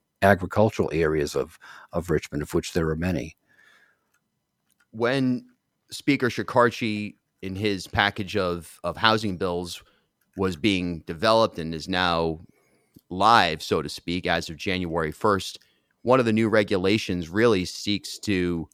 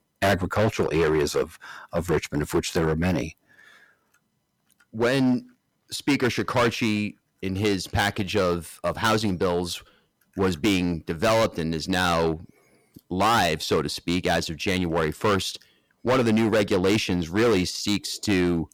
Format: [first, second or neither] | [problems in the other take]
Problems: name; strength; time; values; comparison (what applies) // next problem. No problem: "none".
first | distortion; heavy; 9% of the sound clipped